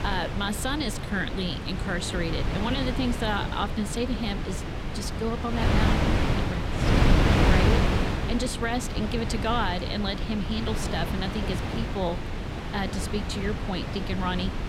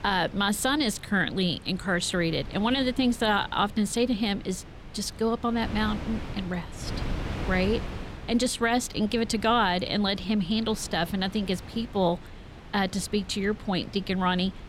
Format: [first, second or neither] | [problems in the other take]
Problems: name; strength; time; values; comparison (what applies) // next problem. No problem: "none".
second | wind noise on the microphone; heavy; 1 dB below the speech; occasional gusts in the second